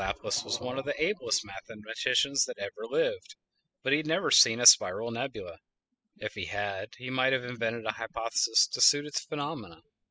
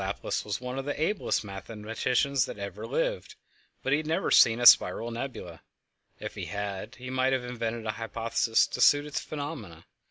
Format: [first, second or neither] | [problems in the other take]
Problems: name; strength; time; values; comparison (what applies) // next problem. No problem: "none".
second | noise reduction (classical method spectral subtraction)